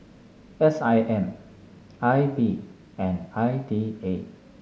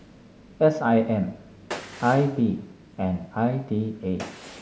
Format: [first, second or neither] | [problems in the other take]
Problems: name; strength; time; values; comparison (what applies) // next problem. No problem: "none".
first | background sound (Gunshot, gunfire); 18 dB below the speech